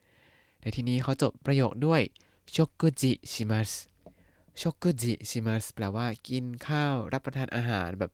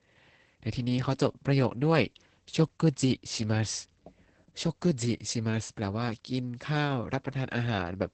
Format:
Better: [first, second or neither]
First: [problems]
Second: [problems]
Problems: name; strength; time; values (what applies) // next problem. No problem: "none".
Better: first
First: garbled, watery; slightly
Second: garbled, watery; badly; nothing above 8 kHz